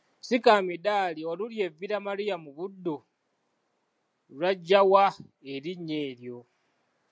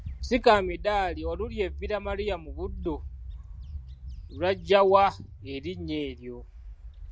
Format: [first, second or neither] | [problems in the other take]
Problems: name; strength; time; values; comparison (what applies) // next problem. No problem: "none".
first | background sound (Bird); 11 dB below the speech